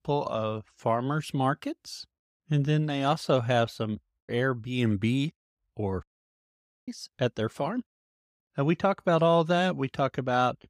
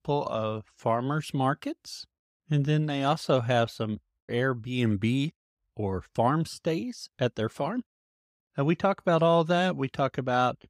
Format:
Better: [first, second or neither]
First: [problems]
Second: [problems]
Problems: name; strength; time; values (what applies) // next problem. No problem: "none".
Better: second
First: audio cutting out; at 6 s for 1 s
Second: none